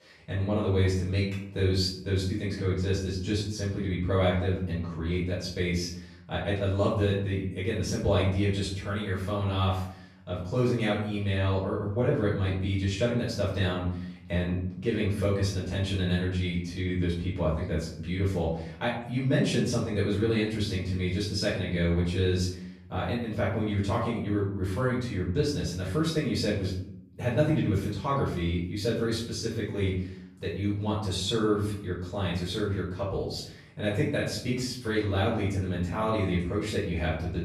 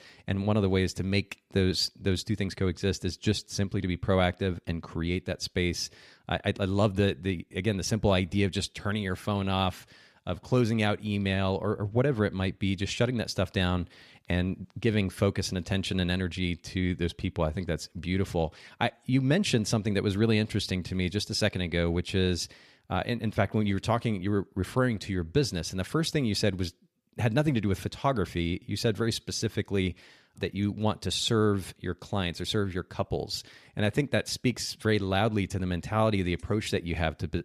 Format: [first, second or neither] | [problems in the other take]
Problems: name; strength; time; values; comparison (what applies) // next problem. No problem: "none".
second | off-mic speech; far // room echo; noticeable; dies away in 0.6 s